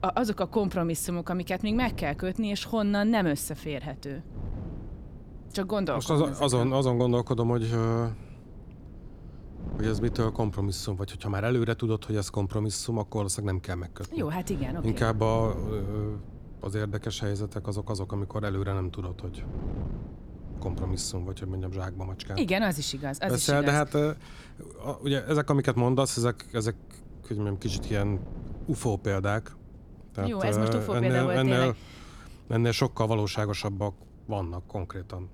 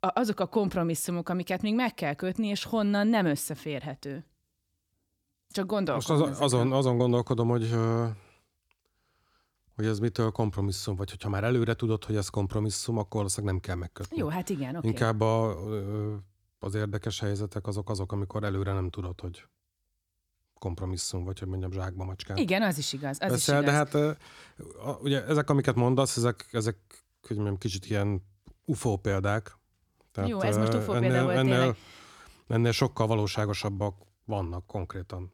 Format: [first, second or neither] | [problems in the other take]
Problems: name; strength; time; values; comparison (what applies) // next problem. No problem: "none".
second | wind noise on the microphone; occasional gusts; 20 dB below the speech